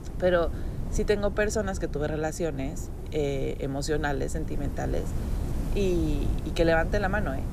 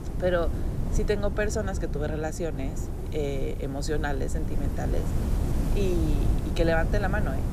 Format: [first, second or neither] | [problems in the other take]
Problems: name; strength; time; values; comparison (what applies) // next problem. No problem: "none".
first | wind noise on the microphone; heavy; 9 dB below the speech; occasional gusts in the first